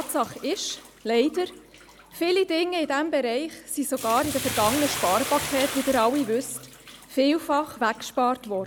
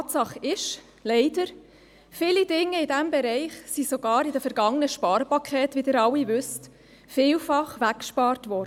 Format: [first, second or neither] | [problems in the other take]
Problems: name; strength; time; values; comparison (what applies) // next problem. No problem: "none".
second | background sound (Bathtub (filling or washing)); 11 dB below the speech